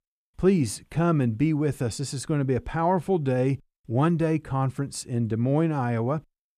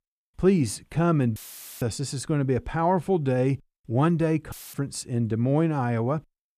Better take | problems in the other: first | audio cutting out; filled with static; at 1.5 s and at 4.5 s

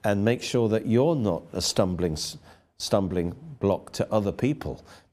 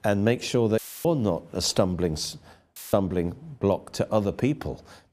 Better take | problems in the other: first | audio cutting out; filled with static; at 1 s and at 3 s

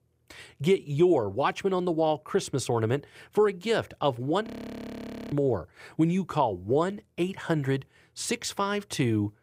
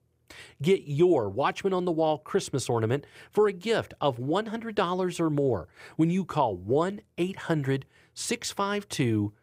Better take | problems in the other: second | audio freezing; at 4.5 s for 1 s

